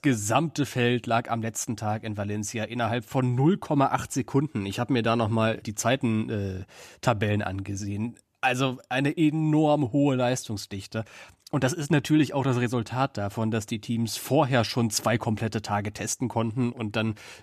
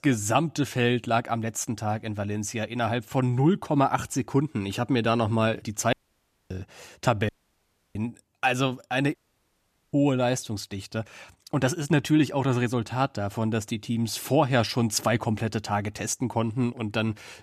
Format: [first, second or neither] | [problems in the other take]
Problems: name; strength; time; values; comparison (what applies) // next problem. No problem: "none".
first | audio cutting out; at 6 s for 0.5 s, at 7.5 s for 0.5 s and at 9 s for 1 s